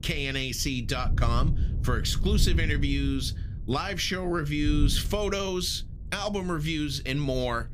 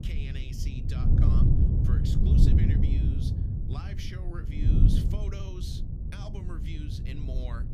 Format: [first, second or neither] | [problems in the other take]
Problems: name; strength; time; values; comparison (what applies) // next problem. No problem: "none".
first | wind noise on the microphone; heavy; 4 dB above the speech; occasional gusts in the first